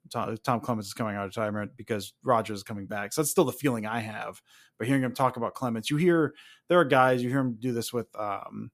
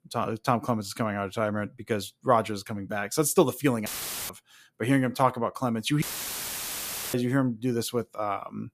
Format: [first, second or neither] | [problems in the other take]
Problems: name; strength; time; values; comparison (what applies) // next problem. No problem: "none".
first | audio cutting out; filled with static; at 4 s and at 6 s for 1 s